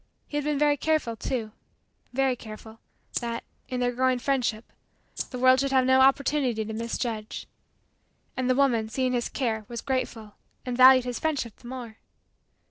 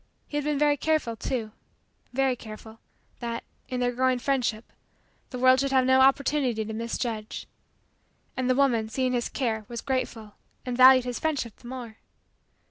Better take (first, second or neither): second